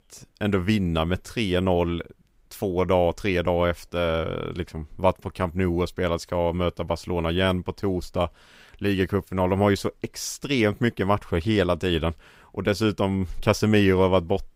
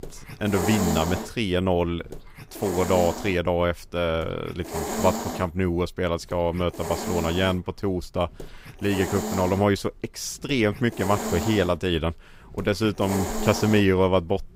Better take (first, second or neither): first